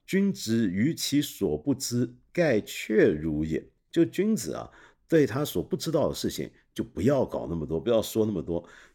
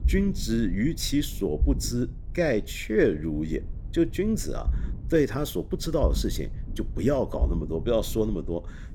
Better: first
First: none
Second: low rumble; faint; throughout; 20 dB below the speech

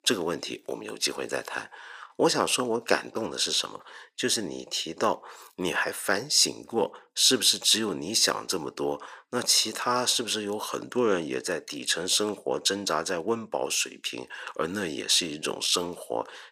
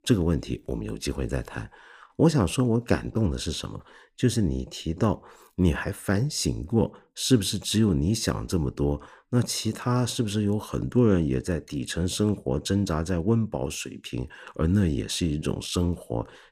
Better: second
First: thin; very; fading below 550 Hz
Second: none

